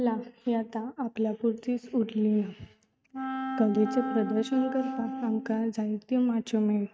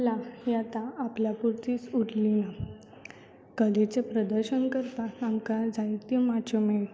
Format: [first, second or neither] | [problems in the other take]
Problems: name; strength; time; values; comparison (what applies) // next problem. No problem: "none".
second | noise reduction (neural mask model RNNoise)